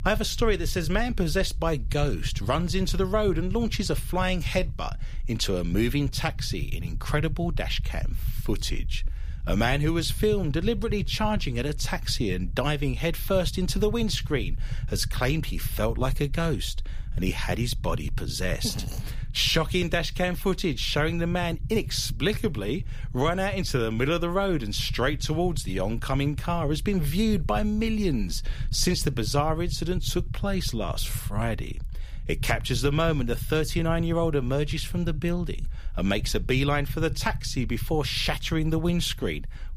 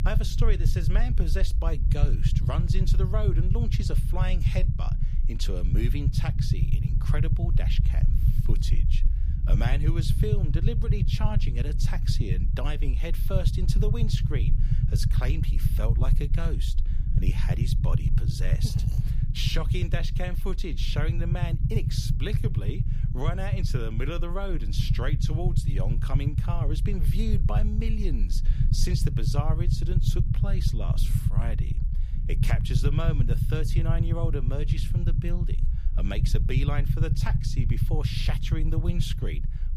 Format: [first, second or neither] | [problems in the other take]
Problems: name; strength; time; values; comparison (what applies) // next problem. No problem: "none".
first | low rumble; loud; throughout; 4 dB below the speech; faint in the first